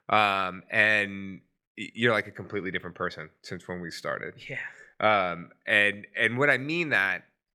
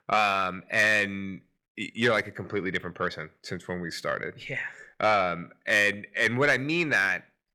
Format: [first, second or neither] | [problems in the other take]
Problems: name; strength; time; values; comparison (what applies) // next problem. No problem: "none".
first | distortion; slight; 10 dB below the speech